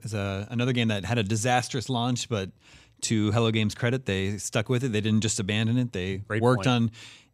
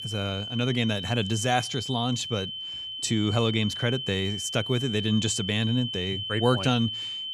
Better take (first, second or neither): first